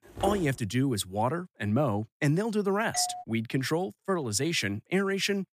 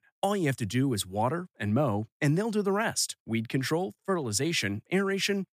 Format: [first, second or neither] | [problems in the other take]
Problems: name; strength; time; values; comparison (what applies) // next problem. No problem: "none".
second | footsteps; noticeable; at the start; peak 6 dB below the speech // doorbell; noticeable; at 3 s; peak 8 dB below the speech